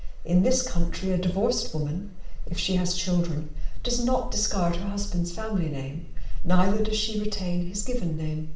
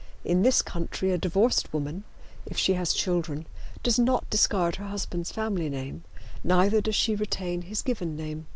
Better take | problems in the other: second | room echo; dies away in 0.6 s

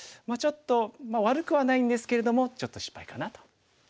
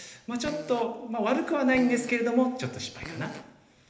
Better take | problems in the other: first | background sound (Fart); 18 dB below the speech // room echo; dies away in 1 s

